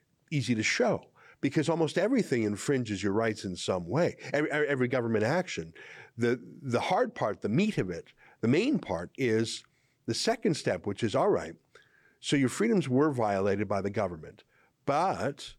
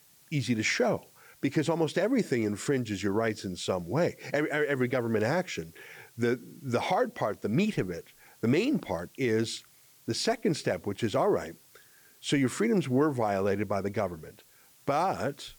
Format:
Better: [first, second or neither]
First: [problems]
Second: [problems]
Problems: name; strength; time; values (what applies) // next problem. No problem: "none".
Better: first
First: none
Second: hiss; faint; throughout; 25 dB below the speech